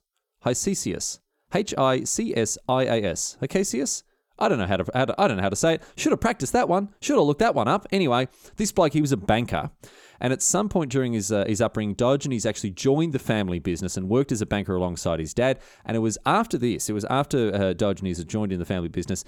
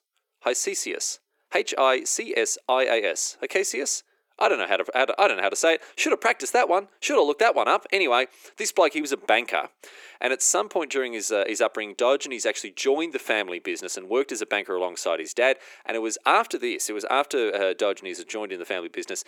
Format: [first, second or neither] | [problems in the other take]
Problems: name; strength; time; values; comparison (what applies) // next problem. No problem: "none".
first | thin; very; fading below 350 Hz